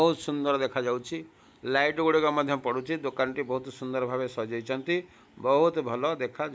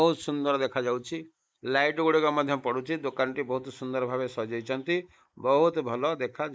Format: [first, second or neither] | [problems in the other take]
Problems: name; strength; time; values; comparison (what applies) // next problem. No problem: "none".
first | noise reduction (neural mask model Resemble Enhance denoiser)